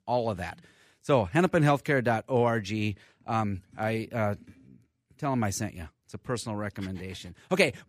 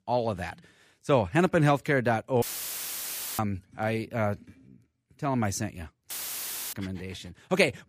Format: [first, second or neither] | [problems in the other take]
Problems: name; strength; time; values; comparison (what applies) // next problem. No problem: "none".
first | audio cutting out; filled with static; at 2.5 s for 1 s and at 6 s for 0.5 s